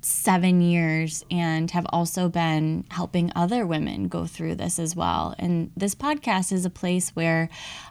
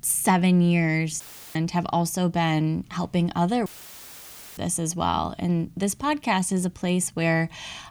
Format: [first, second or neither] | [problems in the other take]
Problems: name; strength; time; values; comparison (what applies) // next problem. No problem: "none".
first | audio cutting out; filled with static; at 1 s and at 3.5 s for 1 s